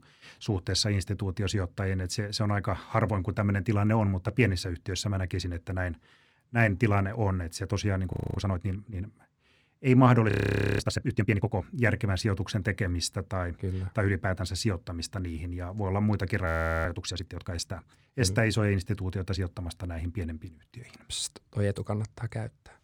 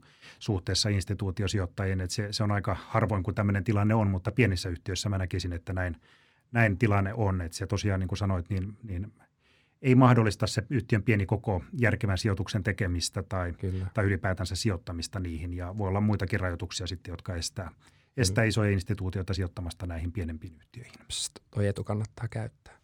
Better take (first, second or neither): second